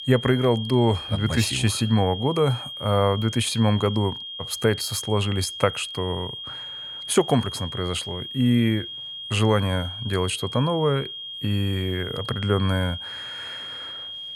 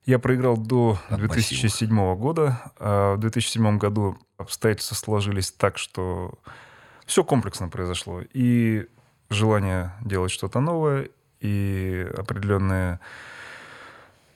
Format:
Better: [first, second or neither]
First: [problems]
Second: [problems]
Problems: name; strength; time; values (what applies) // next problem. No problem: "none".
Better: second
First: high-pitched whine; loud; throughout; 3 kHz, 9 dB below the speech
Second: none